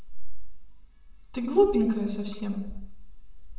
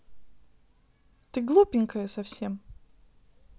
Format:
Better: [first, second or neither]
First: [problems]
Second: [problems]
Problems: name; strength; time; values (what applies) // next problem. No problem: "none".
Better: second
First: room echo; dies away in 0.8 s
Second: none